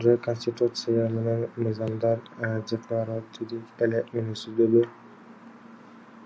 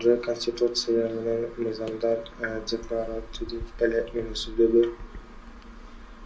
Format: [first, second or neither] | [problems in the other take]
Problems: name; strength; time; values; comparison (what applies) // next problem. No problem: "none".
first | background sound (Bird); 15 dB below the speech // room echo; dies away in 0.2 s